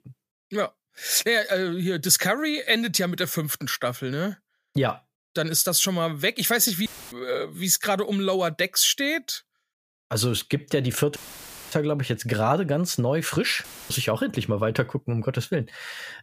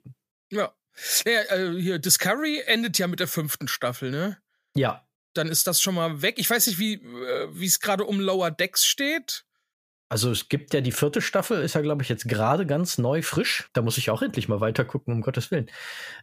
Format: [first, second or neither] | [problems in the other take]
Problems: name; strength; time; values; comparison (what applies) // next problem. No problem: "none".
second | audio cutting out; filled with static; at 7 s, at 11 s for 0.5 s and at 14 s